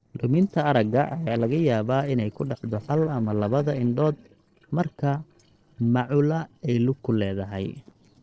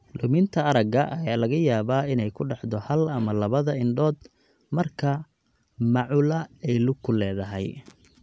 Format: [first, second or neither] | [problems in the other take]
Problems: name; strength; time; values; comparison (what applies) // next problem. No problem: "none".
second | noise reduction (neural separator model SepFormer DNS4)